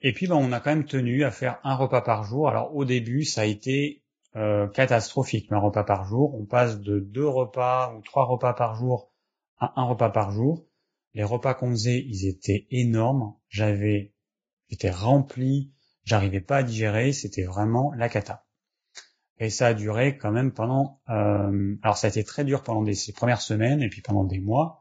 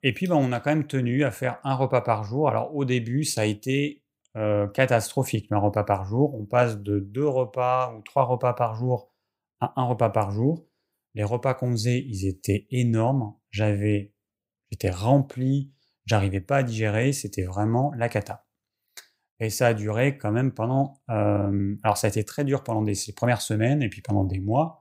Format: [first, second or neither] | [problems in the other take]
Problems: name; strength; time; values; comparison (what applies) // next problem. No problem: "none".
second | garbled, watery; badly; nothing above 7.5 kHz